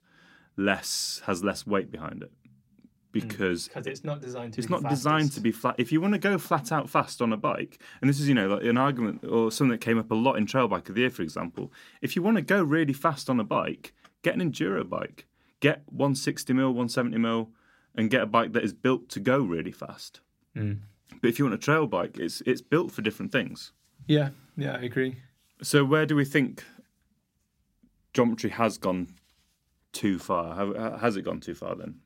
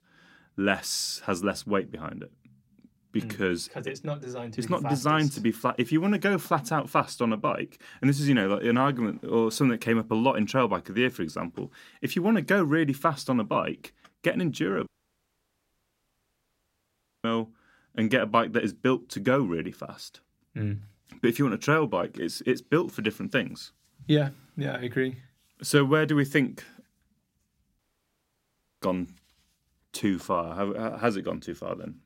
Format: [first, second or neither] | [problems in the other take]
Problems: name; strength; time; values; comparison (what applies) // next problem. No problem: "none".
first | audio cutting out; at 15 s for 2.5 s and at 28 s for 1 s